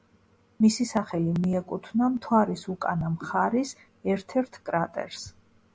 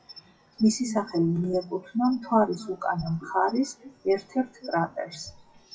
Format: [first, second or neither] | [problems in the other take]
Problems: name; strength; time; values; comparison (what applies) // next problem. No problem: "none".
first | noise reduction (classical method WPE with log-MMSE)